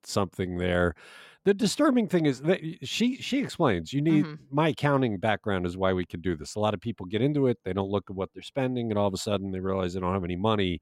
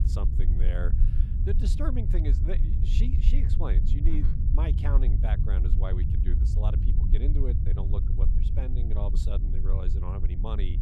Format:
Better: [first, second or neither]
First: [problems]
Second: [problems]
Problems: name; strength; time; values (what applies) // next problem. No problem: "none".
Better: first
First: none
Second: low rumble; loud; throughout; 3 dB below the speech